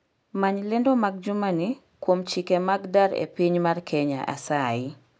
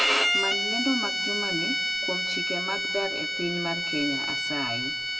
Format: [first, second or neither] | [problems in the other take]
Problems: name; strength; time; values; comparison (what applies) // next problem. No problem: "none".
first | background sound (Bowed string instrument); 5 dB above the speech // room echo; dies away in 1.2 s